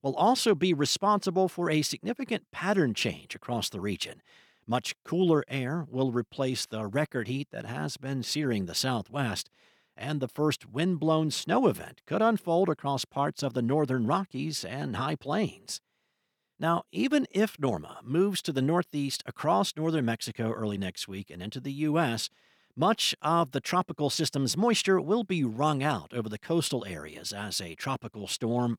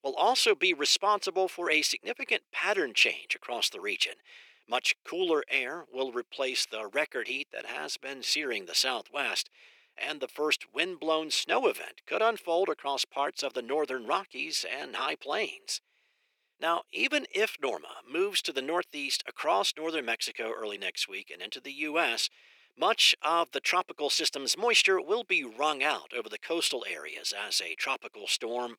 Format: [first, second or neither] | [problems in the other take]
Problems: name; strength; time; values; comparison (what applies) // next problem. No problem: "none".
first | thin; very; fading below 400 Hz